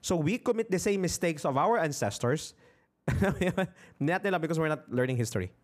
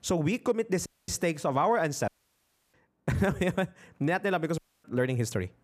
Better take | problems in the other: first | audio cutting out; at 1 s, at 2 s for 0.5 s and at 4.5 s

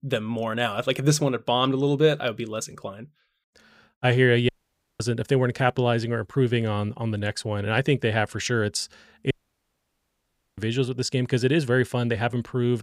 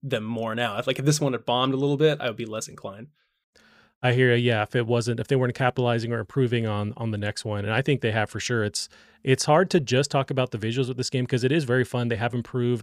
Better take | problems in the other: second | audio cutting out; at 4.5 s for 0.5 s and at 9.5 s for 1.5 s

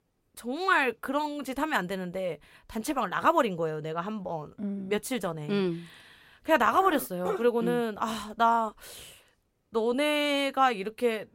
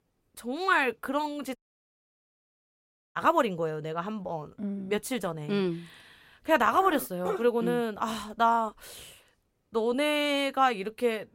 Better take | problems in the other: first | audio cutting out; at 1.5 s for 1.5 s

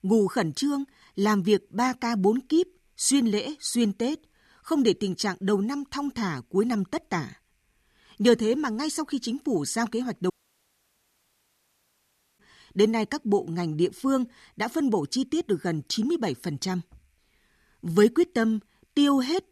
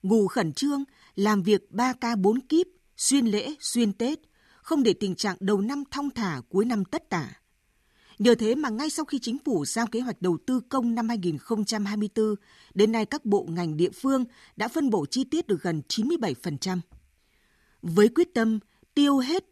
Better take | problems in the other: second | audio cutting out; at 10 s for 2 s

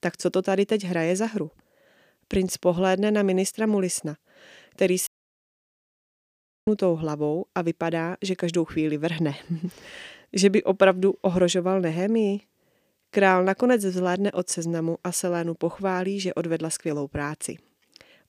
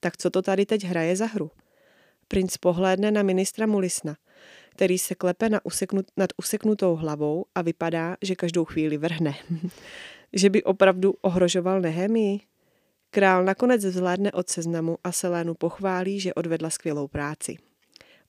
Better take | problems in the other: second | audio cutting out; at 5 s for 1.5 s

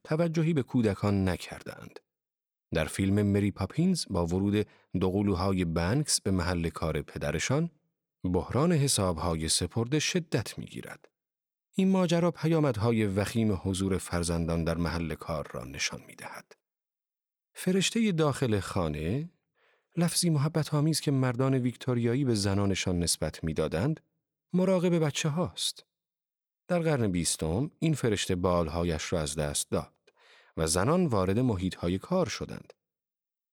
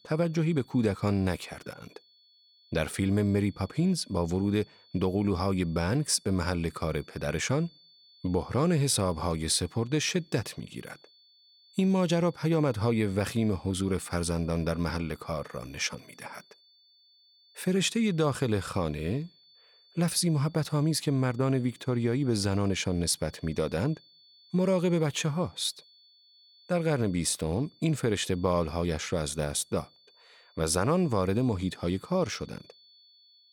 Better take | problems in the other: first | high-pitched whine; faint; throughout; 4.5 kHz, 30 dB below the speech

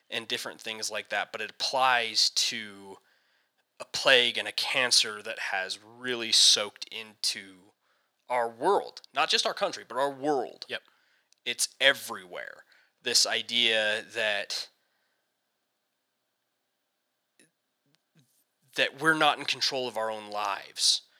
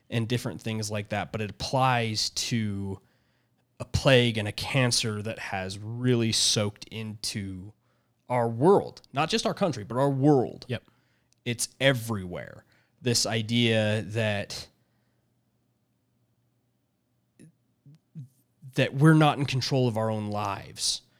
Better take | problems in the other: second | thin; very; fading below 600 Hz

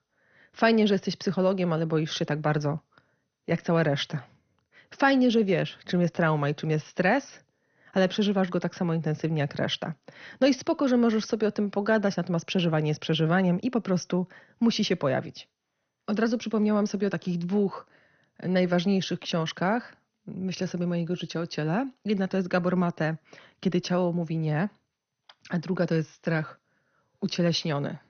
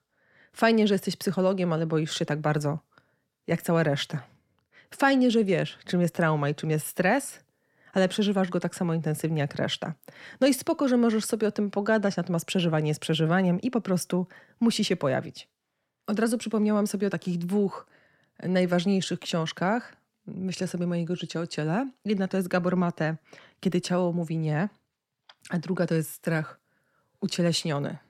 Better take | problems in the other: second | garbled, watery; slightly; nothing above 6.5 kHz

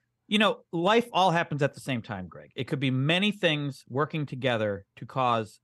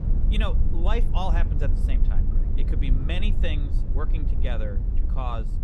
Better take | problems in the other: first | low rumble; loud; throughout; 8 dB below the speech

